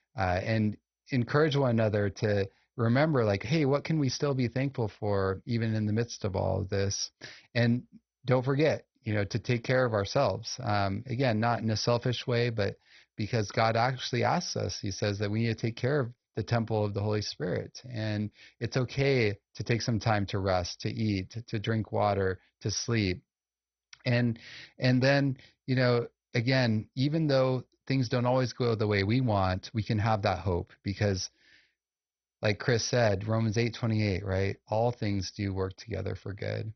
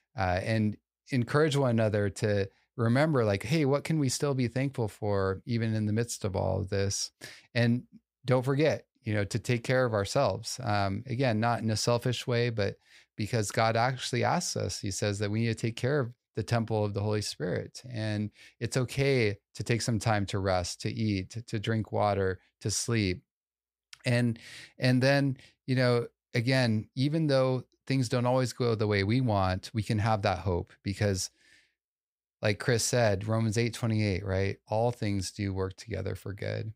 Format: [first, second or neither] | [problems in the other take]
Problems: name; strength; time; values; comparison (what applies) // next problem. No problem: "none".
second | garbled, watery; badly; nothing above 6 kHz